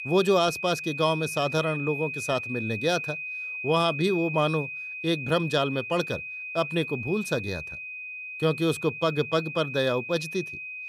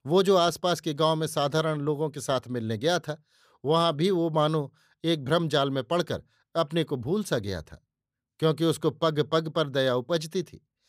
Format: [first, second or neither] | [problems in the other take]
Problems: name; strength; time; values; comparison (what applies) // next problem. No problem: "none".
second | high-pitched whine; loud; throughout; 2.5 kHz, 6 dB below the speech